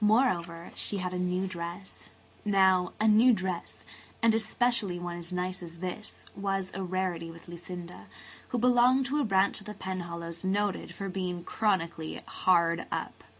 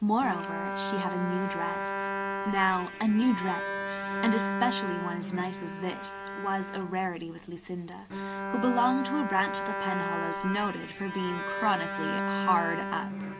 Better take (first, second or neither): first